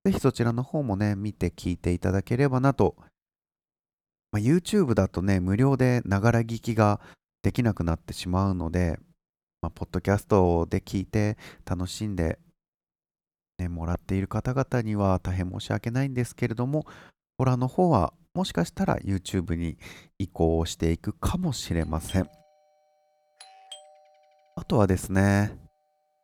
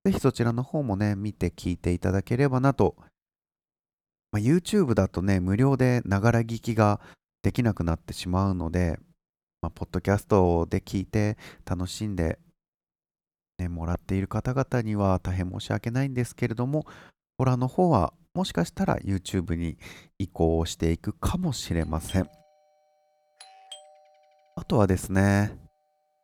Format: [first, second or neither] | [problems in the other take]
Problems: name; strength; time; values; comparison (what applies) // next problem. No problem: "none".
neither | doorbell; faint; from 22 to 24 s; peak 20 dB below the speech; the same in both